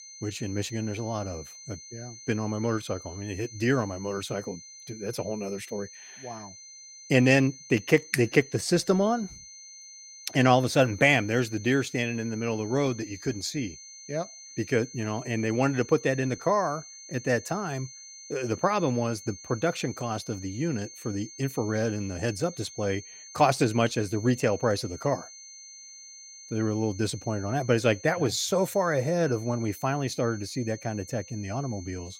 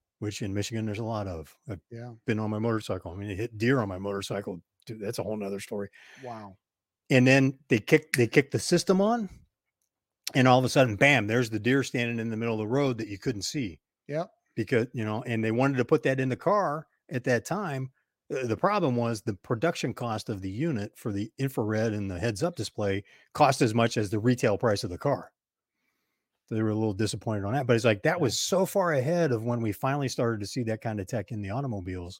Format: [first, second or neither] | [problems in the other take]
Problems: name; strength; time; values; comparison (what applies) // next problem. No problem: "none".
second | high-pitched whine; noticeable; throughout; 6.5 kHz, 15 dB below the speech